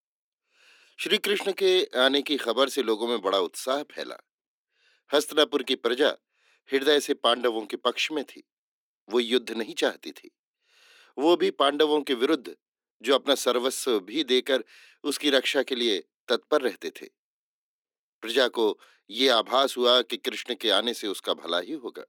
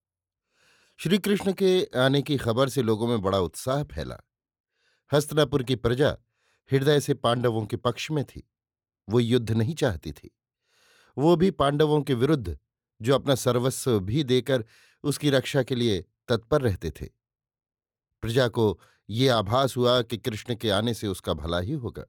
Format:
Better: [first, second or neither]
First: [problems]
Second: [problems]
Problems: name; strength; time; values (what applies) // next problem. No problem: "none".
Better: second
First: thin; somewhat; fading below 250 Hz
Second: none